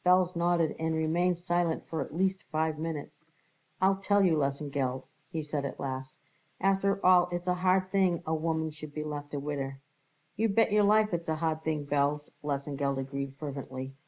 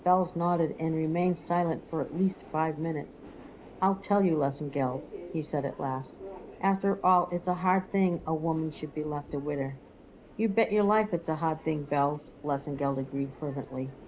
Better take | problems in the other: first | background sound (Subway, metro, underground); 19 dB below the speech

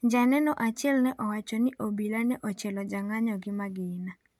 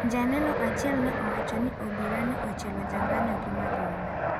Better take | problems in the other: first | background sound (Fixed-wing aircraft, airplane); 1 dB above the speech

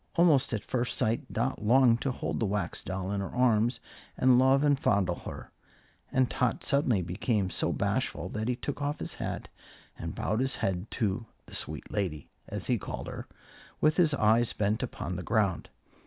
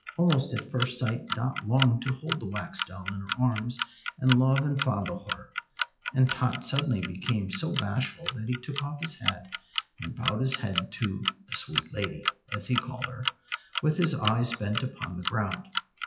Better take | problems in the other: first | noise reduction (classical method WPE with log-MMSE)

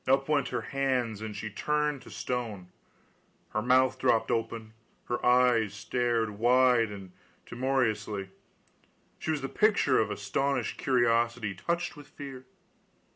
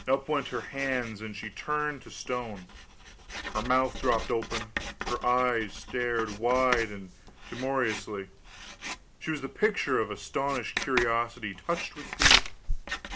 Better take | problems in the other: first | background sound (Writing); 3 dB below the speech

